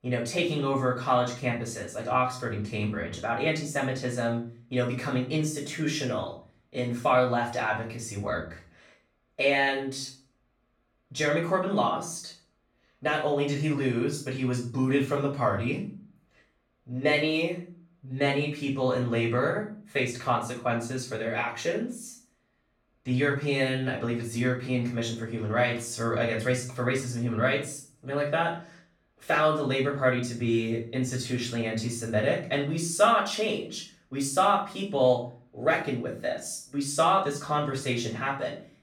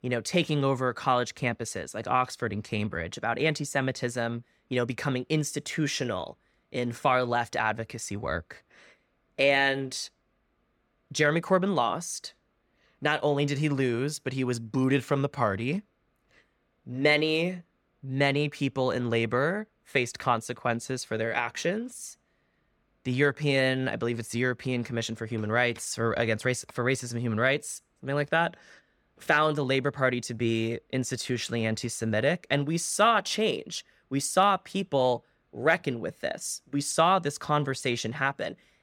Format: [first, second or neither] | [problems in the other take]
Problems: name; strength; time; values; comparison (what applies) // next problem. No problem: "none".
second | room echo; noticeable; dies away in 0.4 s // off-mic speech; far